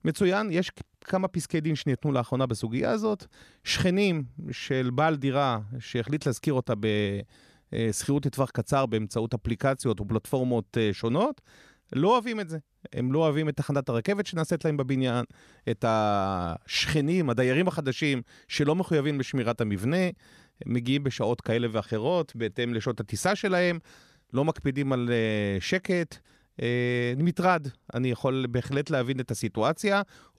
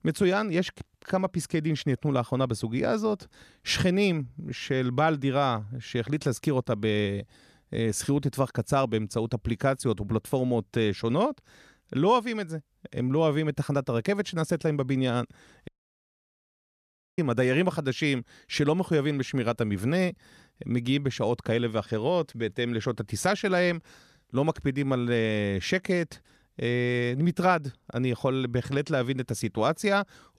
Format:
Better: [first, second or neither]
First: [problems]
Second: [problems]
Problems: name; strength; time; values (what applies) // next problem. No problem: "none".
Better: first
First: none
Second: audio cutting out; at 16 s for 1.5 s